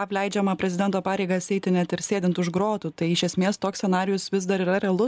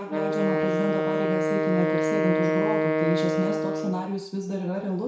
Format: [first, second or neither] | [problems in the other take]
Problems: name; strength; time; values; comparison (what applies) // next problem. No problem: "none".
first | background sound (Wind instrument, woodwind instrument); 3 dB above the speech // room echo; dies away in 0.6 s